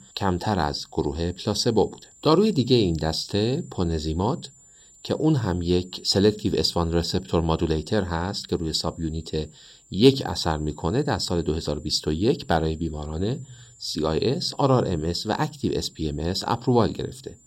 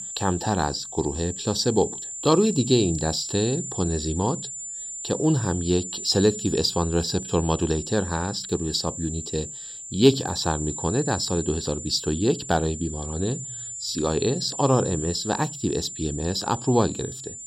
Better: first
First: high-pitched whine; faint; throughout; 7 kHz, 25 dB below the speech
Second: high-pitched whine; loud; throughout; 7 kHz, 8 dB below the speech

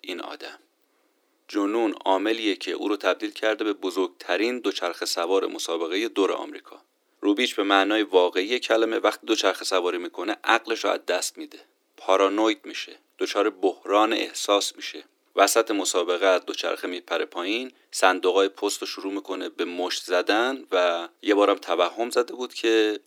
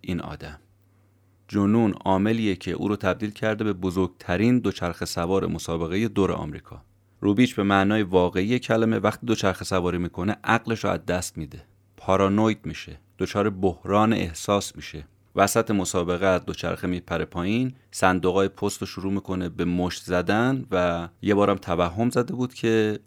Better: second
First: thin; somewhat; fading below 300 Hz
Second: none

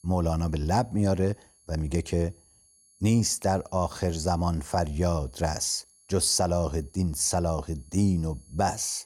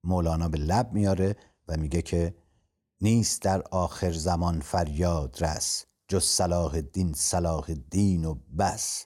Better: second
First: high-pitched whine; faint; throughout; 11 kHz, 30 dB below the speech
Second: none

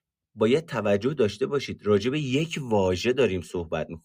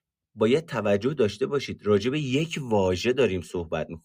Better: neither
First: none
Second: none

